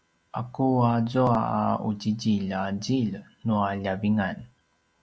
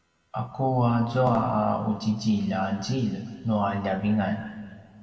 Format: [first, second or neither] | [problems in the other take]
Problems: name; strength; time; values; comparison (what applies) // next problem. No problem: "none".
first | room echo; dies away in 2 s